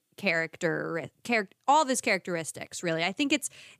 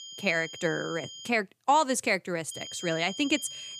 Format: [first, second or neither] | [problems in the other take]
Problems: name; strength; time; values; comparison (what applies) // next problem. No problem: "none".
first | high-pitched whine; noticeable; until 1.5 s and from 2.5 s on; 3 kHz, 10 dB below the speech